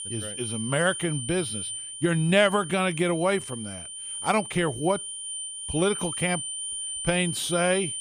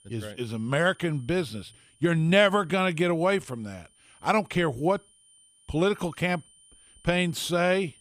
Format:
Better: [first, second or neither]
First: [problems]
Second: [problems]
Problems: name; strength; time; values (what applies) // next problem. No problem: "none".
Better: second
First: high-pitched whine; loud; throughout; 9 kHz, 6 dB below the speech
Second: high-pitched whine; faint; throughout; 9 kHz, 30 dB below the speech